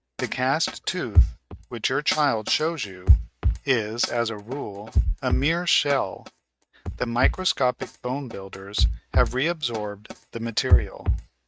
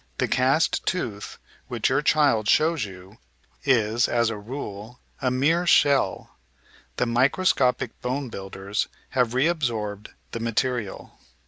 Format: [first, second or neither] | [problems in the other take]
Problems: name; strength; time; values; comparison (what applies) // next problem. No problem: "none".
second | noise reduction (neural mask model RNNoise)